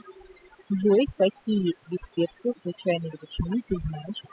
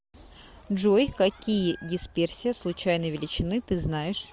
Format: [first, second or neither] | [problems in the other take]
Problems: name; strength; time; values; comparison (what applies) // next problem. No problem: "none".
second | noise reduction (classical method spectral subtraction)